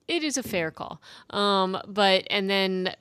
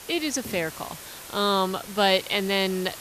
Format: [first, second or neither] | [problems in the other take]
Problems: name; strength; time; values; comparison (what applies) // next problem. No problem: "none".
first | hiss; noticeable; throughout; 15 dB below the speech